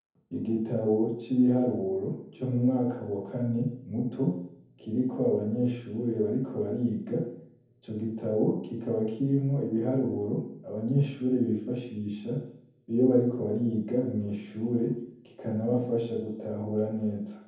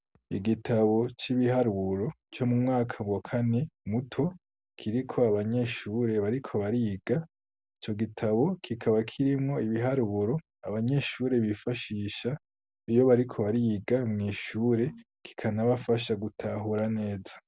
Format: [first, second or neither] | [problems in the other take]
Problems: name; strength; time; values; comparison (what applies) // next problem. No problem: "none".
second | room echo; dies away in 0.7 s